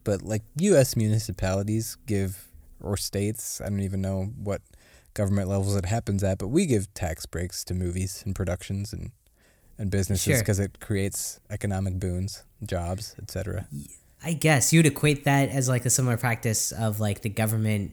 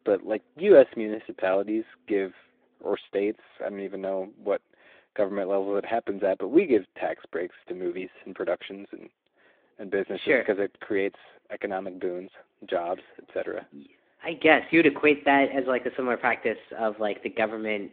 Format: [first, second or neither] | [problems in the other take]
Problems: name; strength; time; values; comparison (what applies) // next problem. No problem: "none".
first | phone-call audio